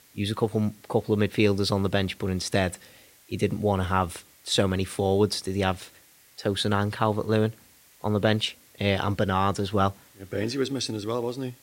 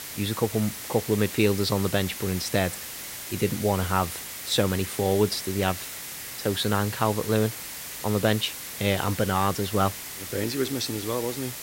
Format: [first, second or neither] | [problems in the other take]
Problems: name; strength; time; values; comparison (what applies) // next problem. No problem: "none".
first | hiss; loud; throughout; 8 dB below the speech; faint in the first